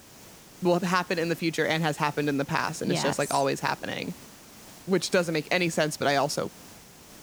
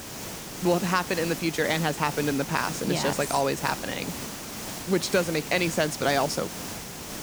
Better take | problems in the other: first | hiss; loud; throughout; 8 dB below the speech; faint in the first

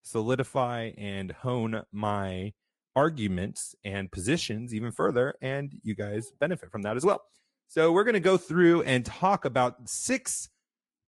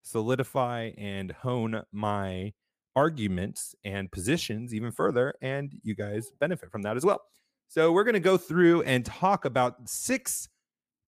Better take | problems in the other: second | garbled, watery; slightly; nothing above 10.5 kHz

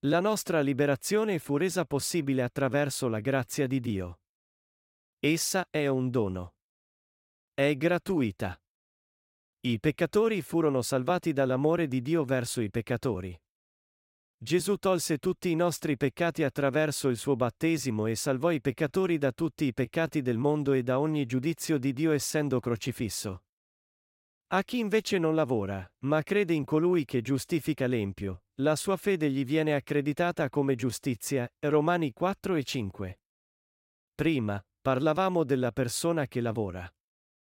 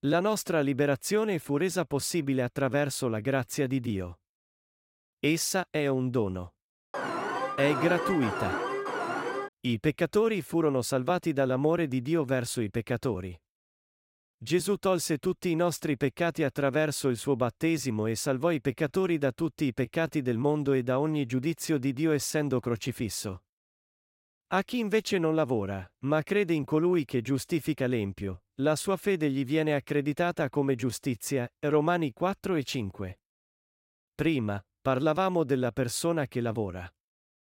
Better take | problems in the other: first | alarm; noticeable; from 7 to 9.5 s; peak 2 dB below the speech

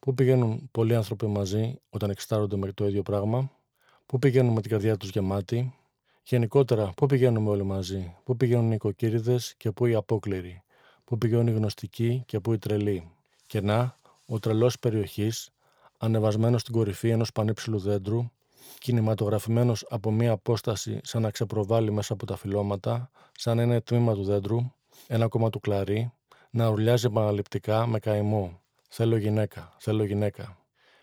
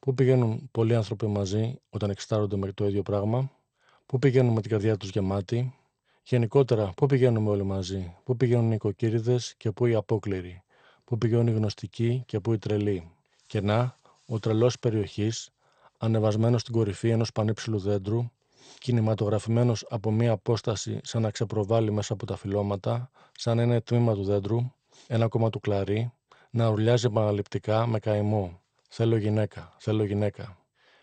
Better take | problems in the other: first | garbled, watery; slightly; nothing above 8 kHz

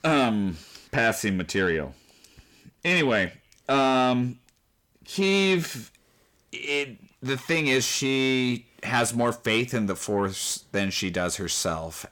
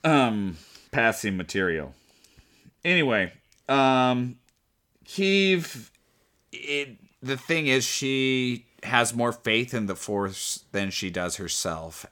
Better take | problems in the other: second | distortion; slight; 10 dB below the speech

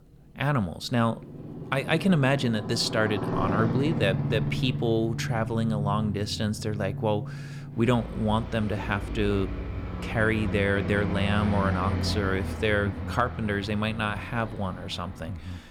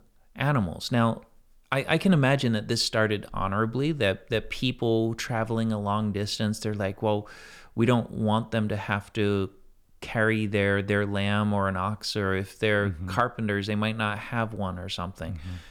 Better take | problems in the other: second | traffic noise; loud; throughout; 5 dB below the speech

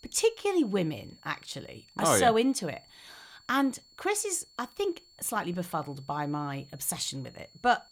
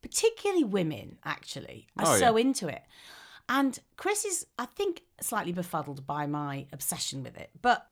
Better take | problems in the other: second | high-pitched whine; faint; throughout; 4.5 kHz, 25 dB below the speech

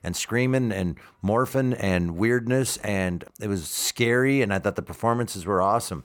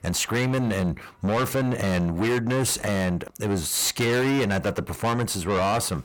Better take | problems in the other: first | distortion; heavy; 6 dB below the speech

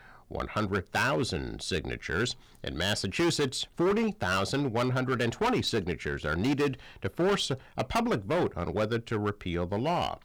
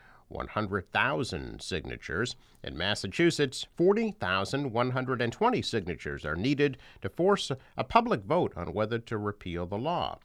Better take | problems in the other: second | distortion; heavy; 10% of the sound clipped

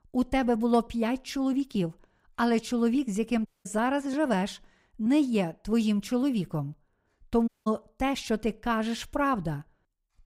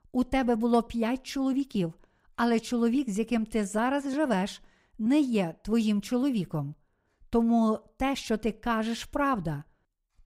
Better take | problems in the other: second | audio cutting out; at 3.5 s and at 7.5 s

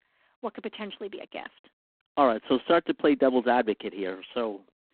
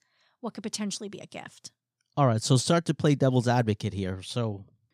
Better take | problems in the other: second | phone-call audio; poor line

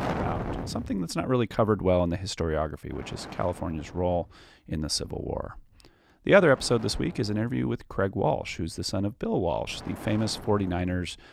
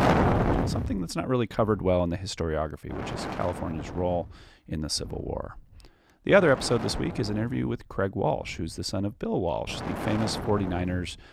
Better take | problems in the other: first | wind noise on the microphone; heavy; 4 dB below the speech; occasional gusts in the first

